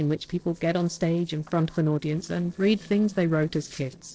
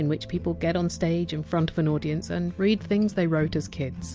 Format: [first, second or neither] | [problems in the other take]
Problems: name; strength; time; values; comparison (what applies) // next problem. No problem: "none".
second | noise reduction (neural separator model SepFormer DNS4)